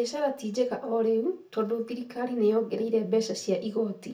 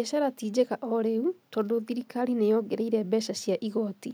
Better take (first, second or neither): second